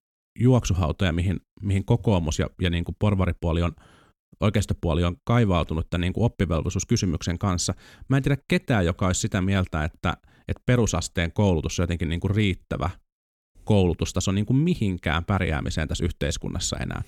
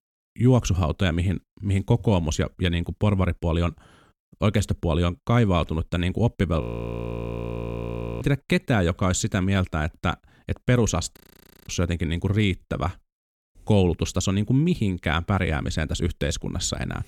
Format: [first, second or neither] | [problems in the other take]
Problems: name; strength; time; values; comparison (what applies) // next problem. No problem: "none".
first | audio freezing; at 6.5 s for 1.5 s and at 11 s for 0.5 s